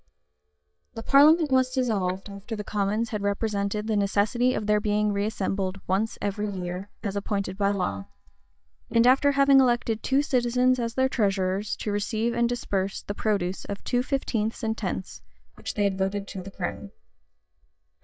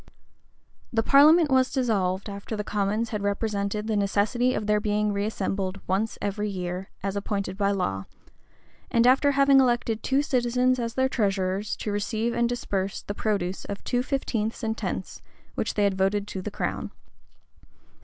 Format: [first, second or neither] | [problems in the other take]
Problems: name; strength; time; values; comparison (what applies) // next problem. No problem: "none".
second | noise reduction (neural mask model DeepFilterNet 3)